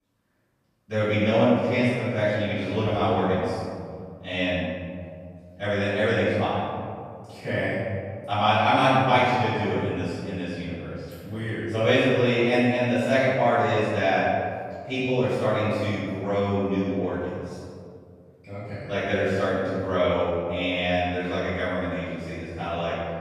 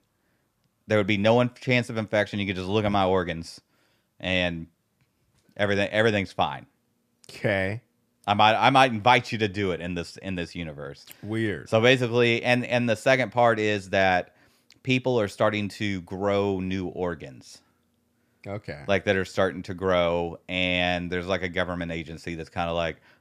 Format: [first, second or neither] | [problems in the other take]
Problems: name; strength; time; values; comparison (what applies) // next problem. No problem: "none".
second | off-mic speech; far // room echo; strong; dies away in 2.2 s